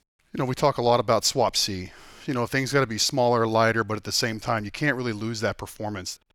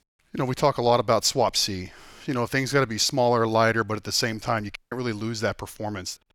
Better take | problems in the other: first | audio cutting out; at 5 s

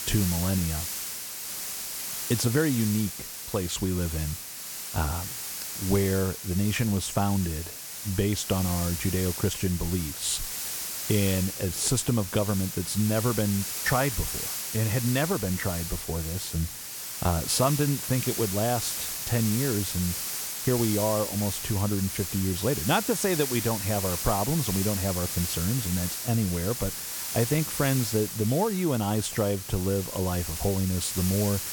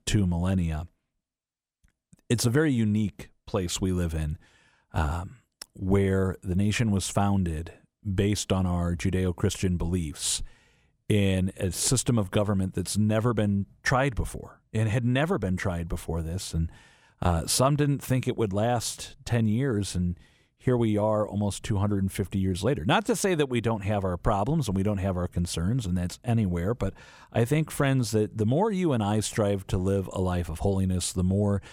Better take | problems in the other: second | hiss; loud; throughout; 4 dB below the speech

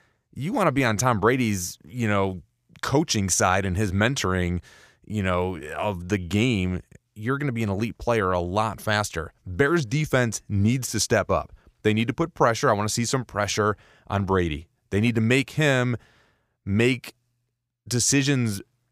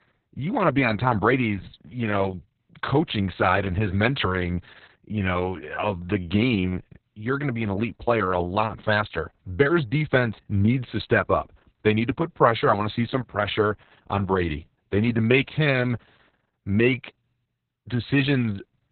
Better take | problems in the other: first | garbled, watery; badly; nothing above 4 kHz

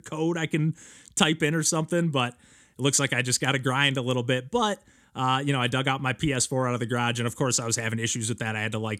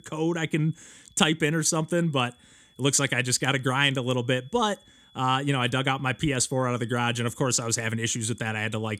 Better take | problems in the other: first | high-pitched whine; faint; throughout; 3.5 kHz, 30 dB below the speech

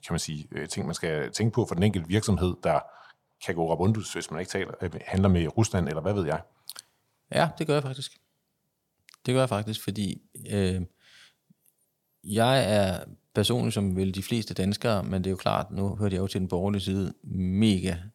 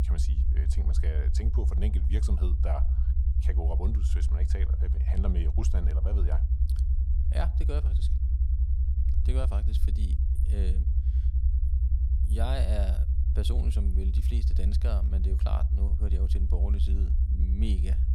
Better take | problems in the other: first | low rumble; loud; throughout; 4 dB below the speech

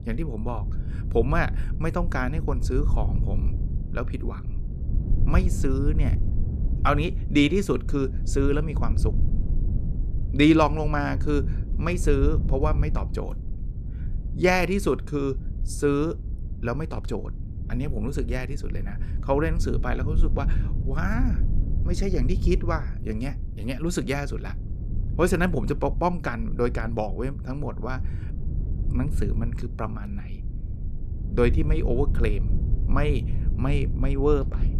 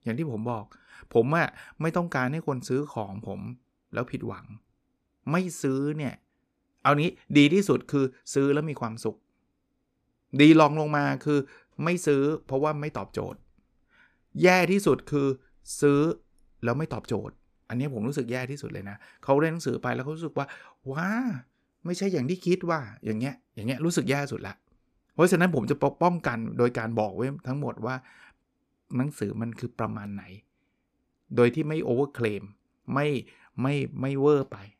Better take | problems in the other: second | low rumble; noticeable; throughout; 15 dB below the speech

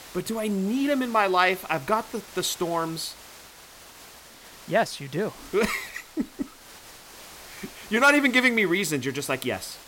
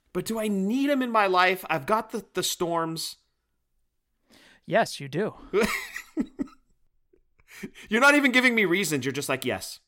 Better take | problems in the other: second | hiss; noticeable; throughout; 20 dB below the speech

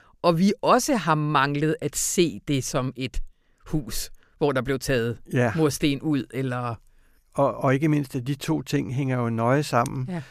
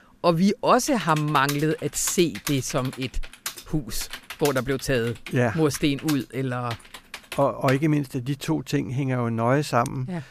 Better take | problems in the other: first | keyboard typing; noticeable; from 1 to 8 s; peak 9 dB below the speech

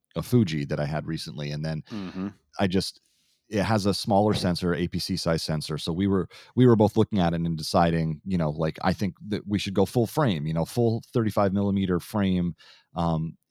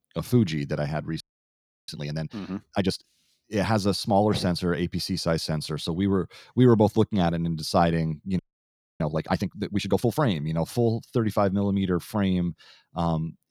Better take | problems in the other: first | audio freezing; at 1 s for 0.5 s and at 8.5 s for 0.5 s

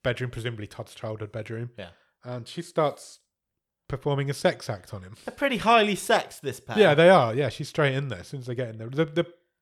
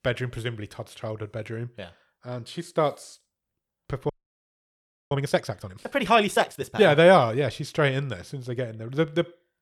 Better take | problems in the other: first | audio freezing; at 4 s for 1 s

